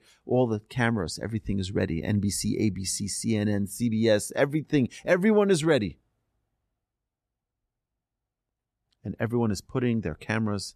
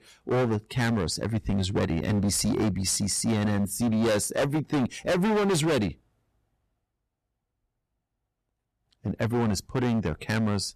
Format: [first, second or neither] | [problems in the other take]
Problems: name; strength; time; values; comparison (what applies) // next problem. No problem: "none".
first | distortion; heavy; 17% of the sound clipped